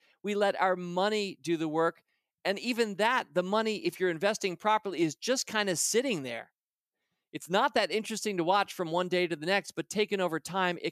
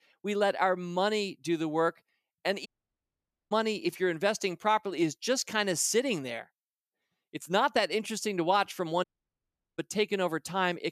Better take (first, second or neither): first